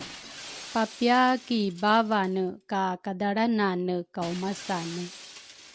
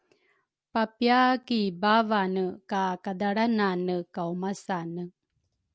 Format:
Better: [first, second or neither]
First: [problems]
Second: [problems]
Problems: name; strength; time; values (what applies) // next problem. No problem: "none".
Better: second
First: background sound (Shatter); 18 dB below the speech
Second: none